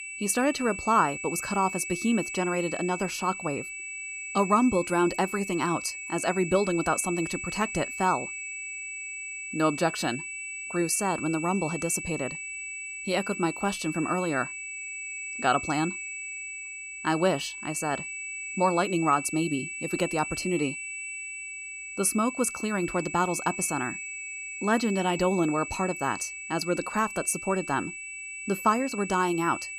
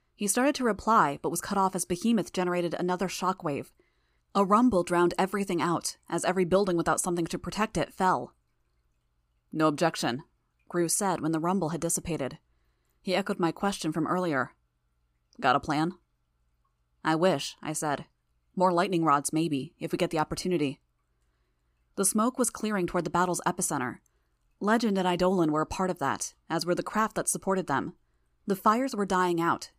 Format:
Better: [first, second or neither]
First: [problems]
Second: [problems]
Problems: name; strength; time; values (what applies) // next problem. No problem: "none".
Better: second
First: high-pitched whine; loud; throughout; 2.5 kHz, 7 dB below the speech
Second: none